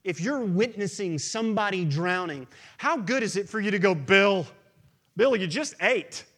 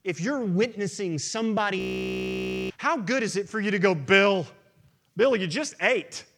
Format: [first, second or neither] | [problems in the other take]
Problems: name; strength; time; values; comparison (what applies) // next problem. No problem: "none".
first | audio freezing; at 2 s for 1 s